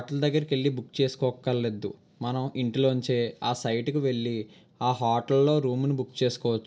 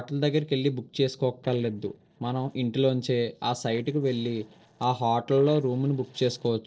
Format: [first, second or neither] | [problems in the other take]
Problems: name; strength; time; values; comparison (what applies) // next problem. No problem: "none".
first | noise reduction (neural separator model SepFormer DNS4)